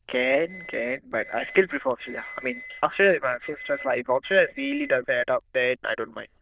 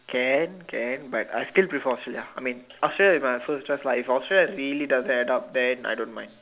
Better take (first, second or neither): second